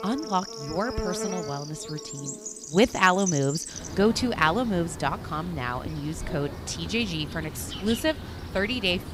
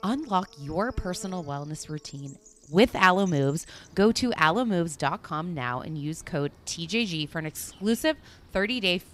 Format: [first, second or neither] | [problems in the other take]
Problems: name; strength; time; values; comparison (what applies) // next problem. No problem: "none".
second | animal sounds; loud; throughout; 9 dB below the speech; faint in the second